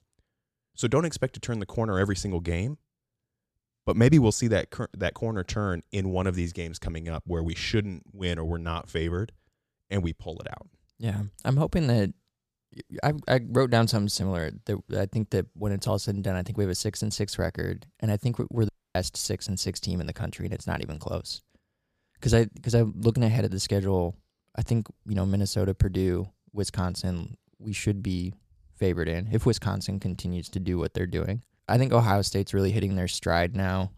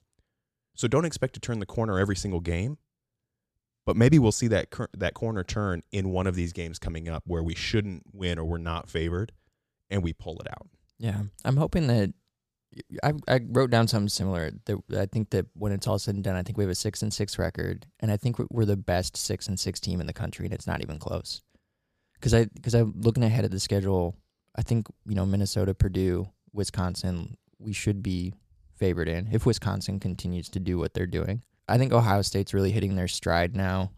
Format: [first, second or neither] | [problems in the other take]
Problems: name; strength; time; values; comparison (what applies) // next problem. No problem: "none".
second | audio cutting out; at 19 s